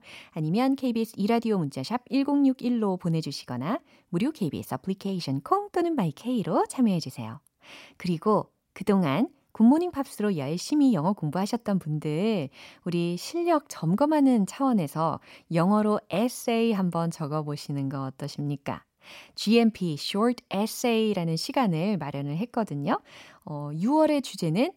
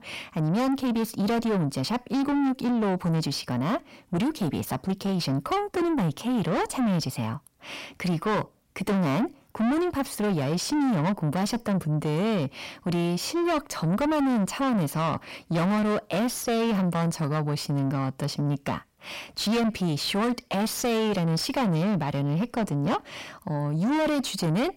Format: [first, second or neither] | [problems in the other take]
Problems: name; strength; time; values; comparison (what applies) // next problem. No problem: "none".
first | distortion; heavy; 6 dB below the speech